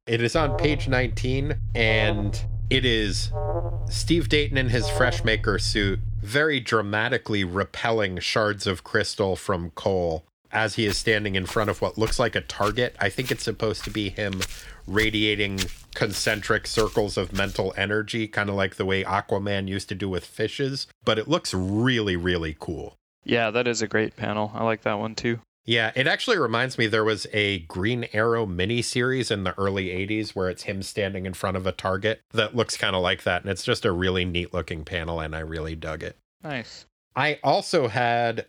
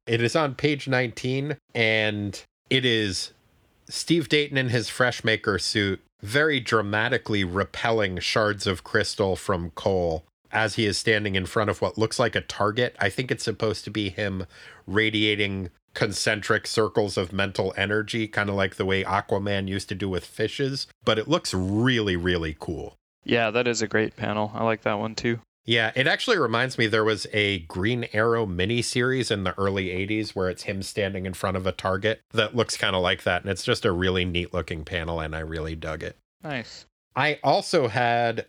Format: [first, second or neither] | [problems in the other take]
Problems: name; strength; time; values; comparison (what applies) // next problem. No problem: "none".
second | alarm; noticeable; until 6 s; peak 3 dB below the speech // footsteps; noticeable; from 11 to 18 s; peak 7 dB below the speech